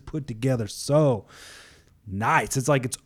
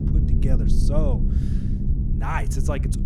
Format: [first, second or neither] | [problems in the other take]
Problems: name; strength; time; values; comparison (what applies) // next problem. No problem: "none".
first | low rumble; loud; throughout; 5 dB below the speech